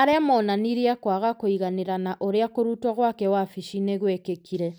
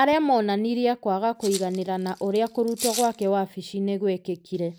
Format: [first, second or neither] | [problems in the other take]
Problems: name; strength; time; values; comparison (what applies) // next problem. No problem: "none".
first | background sound (Rattle (instrument)); 12 dB below the speech